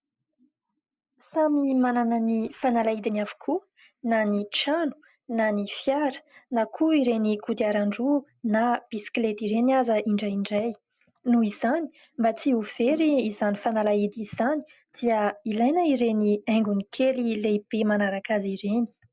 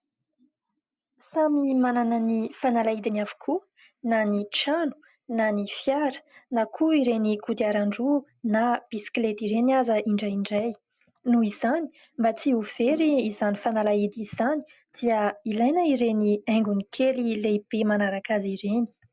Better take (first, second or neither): second